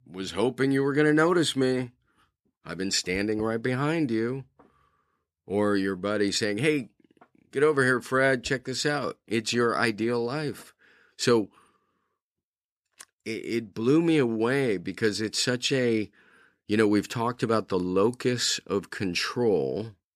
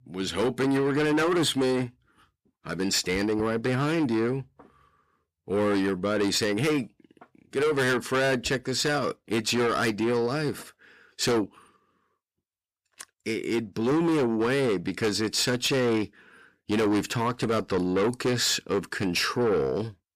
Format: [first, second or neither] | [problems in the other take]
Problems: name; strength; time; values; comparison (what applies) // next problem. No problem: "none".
first | distortion; heavy; 8 dB below the speech